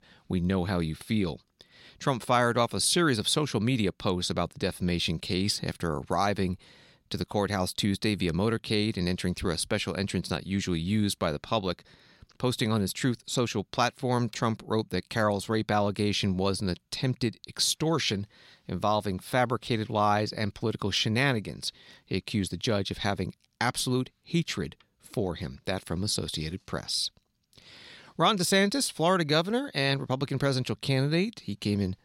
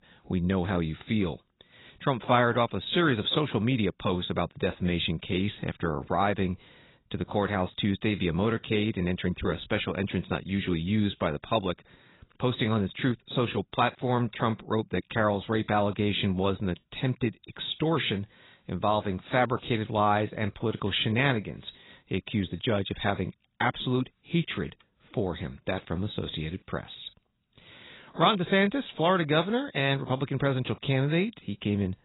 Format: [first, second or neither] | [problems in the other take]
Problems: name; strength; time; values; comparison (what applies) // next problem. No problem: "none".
first | garbled, watery; badly; nothing above 4 kHz